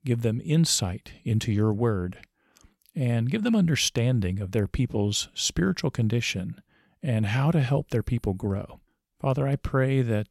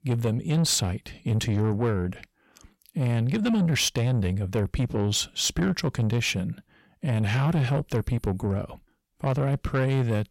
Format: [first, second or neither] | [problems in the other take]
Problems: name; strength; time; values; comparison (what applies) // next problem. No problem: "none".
first | distortion; slight; 10 dB below the speech